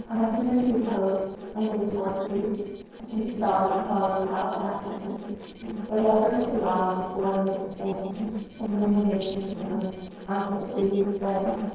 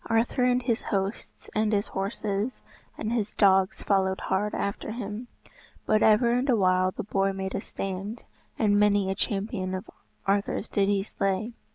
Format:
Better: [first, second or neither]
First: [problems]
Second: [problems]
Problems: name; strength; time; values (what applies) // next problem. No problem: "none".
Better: second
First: noise reduction (neural separator model SepFormer DNS4)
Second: none